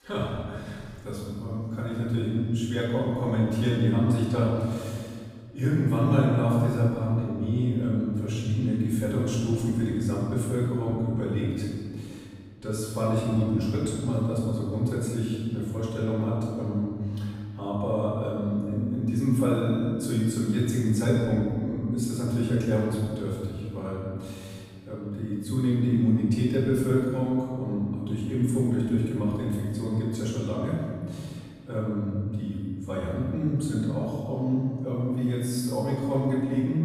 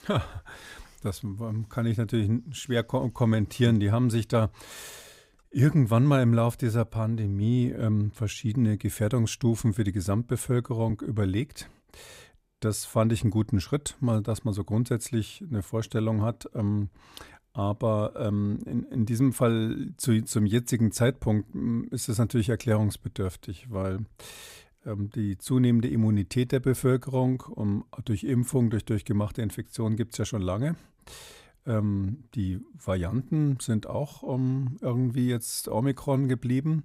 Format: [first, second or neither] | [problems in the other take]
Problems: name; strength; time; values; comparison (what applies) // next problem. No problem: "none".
second | off-mic speech; far // room echo; strong; dies away in 1.9 s